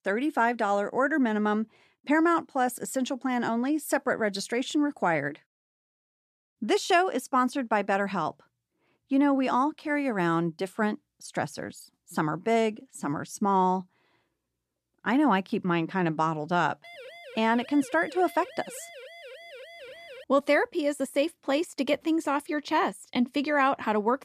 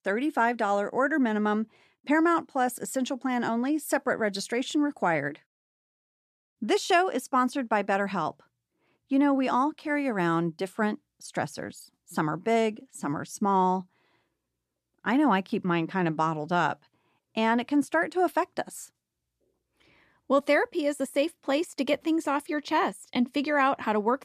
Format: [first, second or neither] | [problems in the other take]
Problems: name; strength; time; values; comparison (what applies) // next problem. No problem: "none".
second | siren; faint; from 17 to 20 s; peak 15 dB below the speech